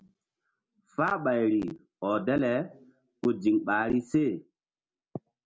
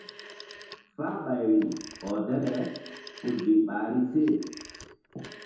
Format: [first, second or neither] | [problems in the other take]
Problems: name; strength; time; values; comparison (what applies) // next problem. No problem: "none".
first | background sound (Telephone); 18 dB below the speech // room echo; dies away in 2 s